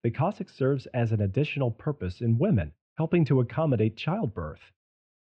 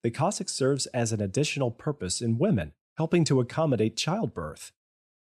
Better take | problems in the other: second | muffled; very; fading above 3 kHz

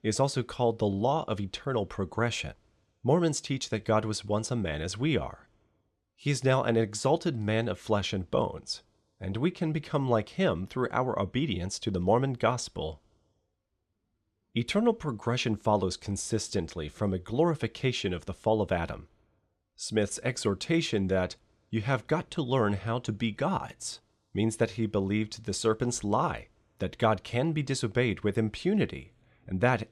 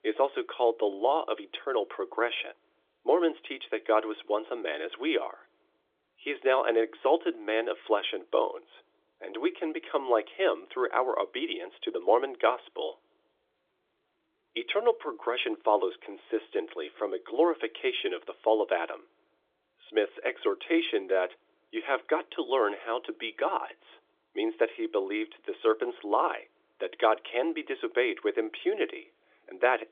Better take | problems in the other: first | phone-call audio; nothing above 3.5 kHz

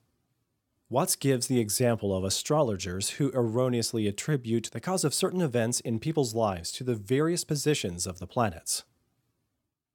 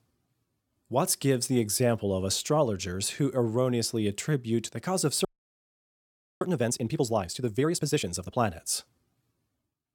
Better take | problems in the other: first | audio freezing; at 5.5 s for 1 s

